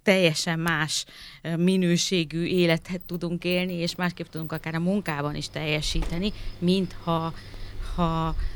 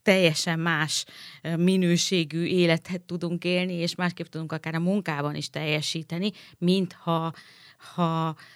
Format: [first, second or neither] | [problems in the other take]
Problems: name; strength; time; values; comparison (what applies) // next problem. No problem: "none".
second | household noises; noticeable; throughout; 15 dB below the speech